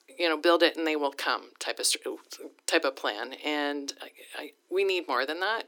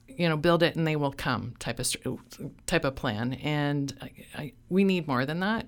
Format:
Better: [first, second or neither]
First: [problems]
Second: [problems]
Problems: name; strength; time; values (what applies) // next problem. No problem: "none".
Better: second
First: thin; somewhat; fading below 300 Hz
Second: none